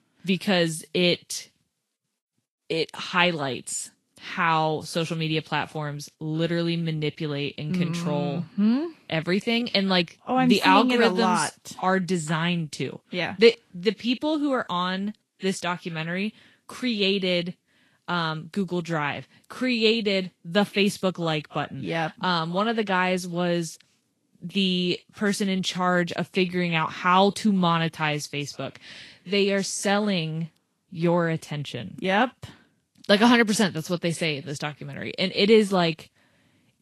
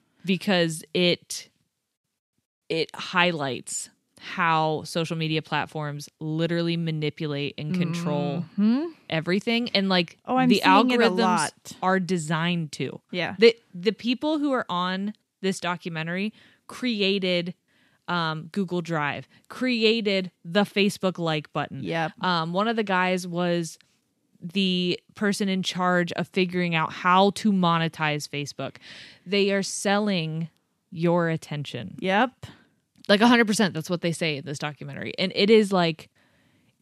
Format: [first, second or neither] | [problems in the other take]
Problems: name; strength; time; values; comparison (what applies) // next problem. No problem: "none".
second | garbled, watery; slightly; nothing above 11.5 kHz